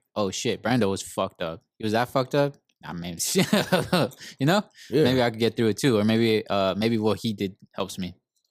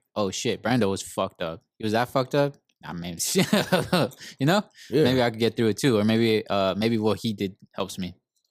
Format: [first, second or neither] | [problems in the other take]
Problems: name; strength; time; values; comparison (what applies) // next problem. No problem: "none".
neither | none